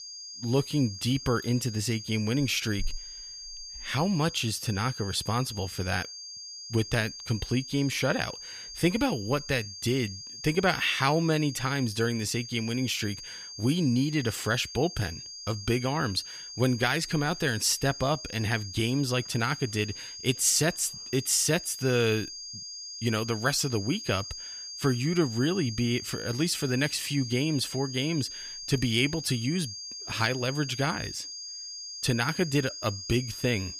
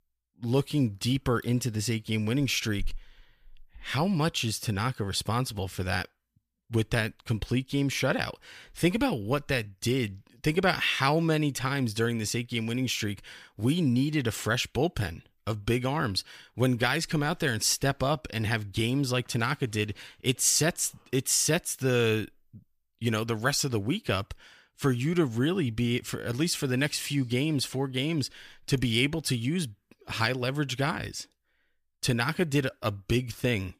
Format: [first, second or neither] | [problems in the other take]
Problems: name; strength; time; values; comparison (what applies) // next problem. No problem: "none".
second | high-pitched whine; noticeable; throughout; 5 kHz, 10 dB below the speech